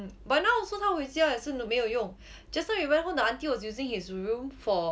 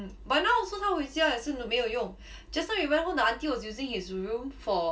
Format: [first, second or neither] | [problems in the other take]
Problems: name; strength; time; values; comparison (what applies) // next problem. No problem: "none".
first | room echo; dies away in 0.2 s